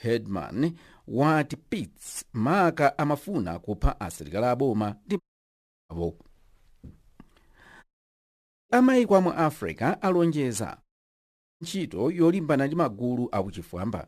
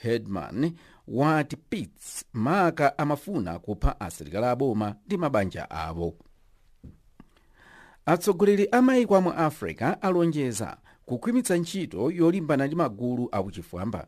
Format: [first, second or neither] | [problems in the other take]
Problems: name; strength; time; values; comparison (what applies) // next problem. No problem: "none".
second | audio cutting out; at 5 s for 0.5 s, at 8 s for 1 s and at 11 s for 1 s